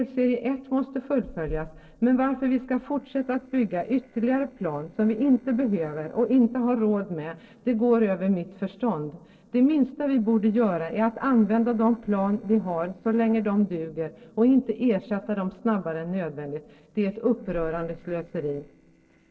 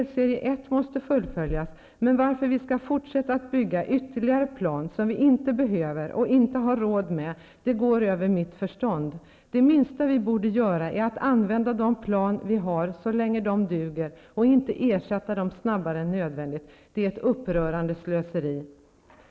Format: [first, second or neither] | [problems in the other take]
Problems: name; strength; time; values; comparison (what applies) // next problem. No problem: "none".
second | noise reduction (neural separator model SepFormer DNS4)